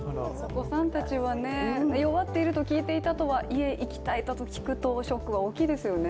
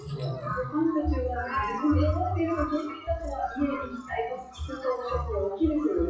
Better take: first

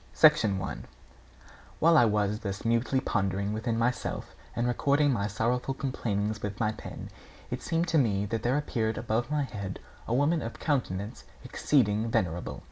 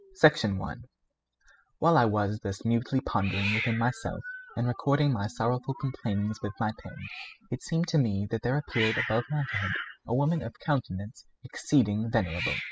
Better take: first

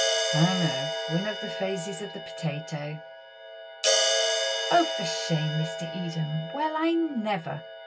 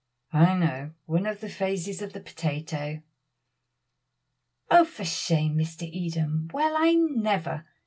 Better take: second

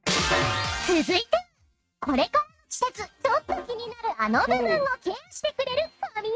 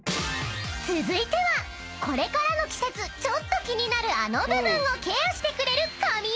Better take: second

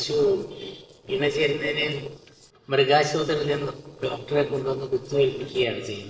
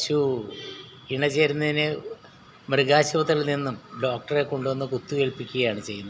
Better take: second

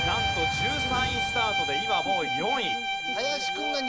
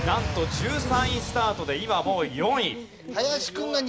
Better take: second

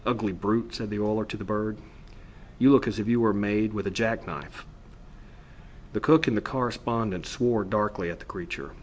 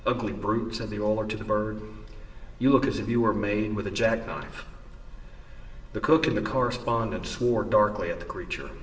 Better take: first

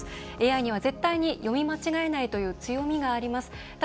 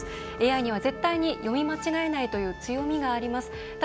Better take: first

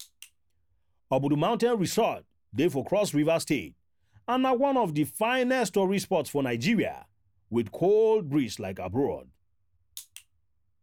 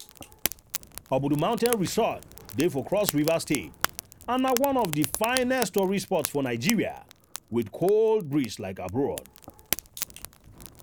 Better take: first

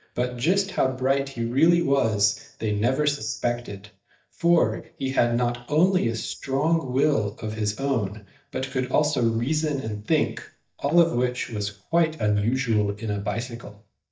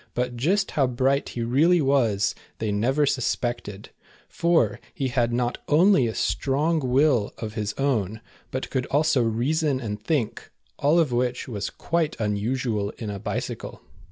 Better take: second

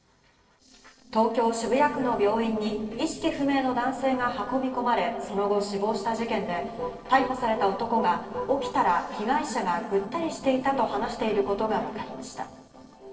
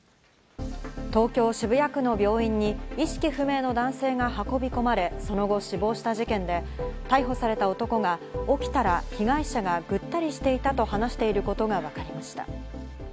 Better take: second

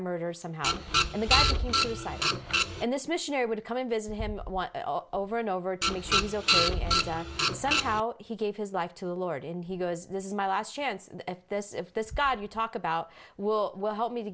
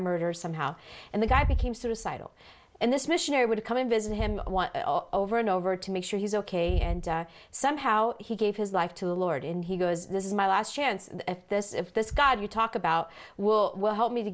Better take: second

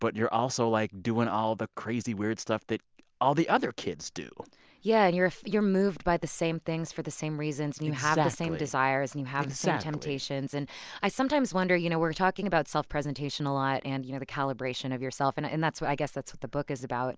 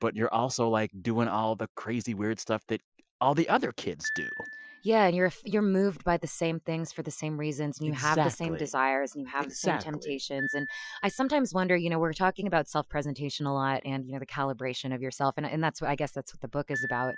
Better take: first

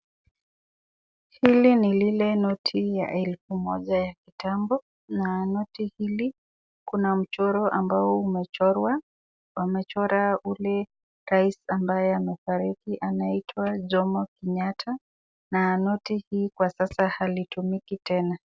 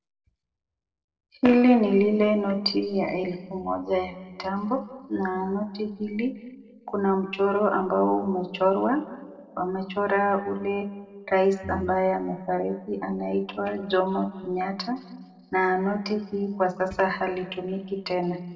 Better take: first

